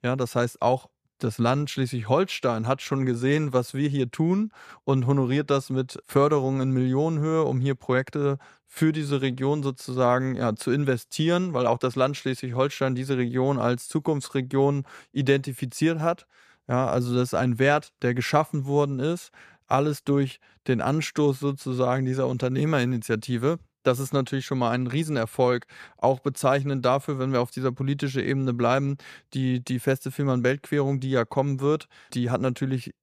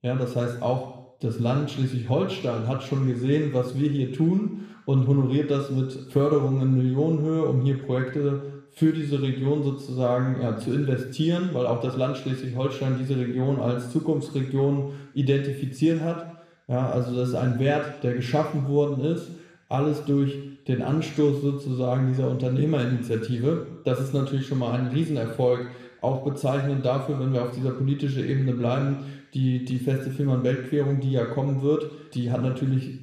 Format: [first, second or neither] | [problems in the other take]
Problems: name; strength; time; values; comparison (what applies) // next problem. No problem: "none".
first | room echo; noticeable; dies away in 0.8 s // off-mic speech; somewhat distant